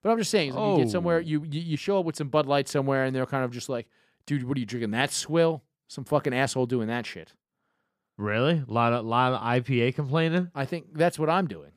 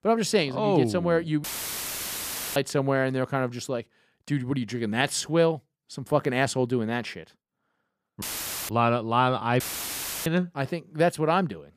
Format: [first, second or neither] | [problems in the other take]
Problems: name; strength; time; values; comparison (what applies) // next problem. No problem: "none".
first | audio cutting out; filled with static; at 1.5 s for 1 s, at 8 s and at 9.5 s for 0.5 s